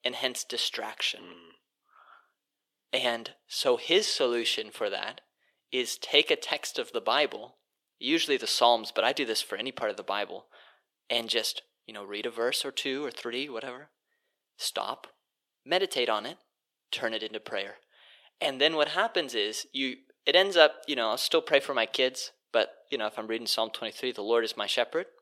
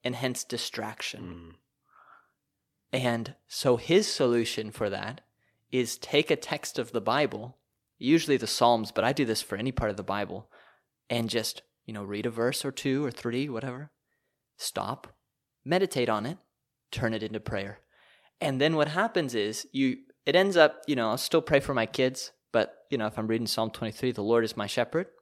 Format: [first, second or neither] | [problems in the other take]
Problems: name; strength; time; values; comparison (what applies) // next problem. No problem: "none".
second | thin; somewhat; fading below 450 Hz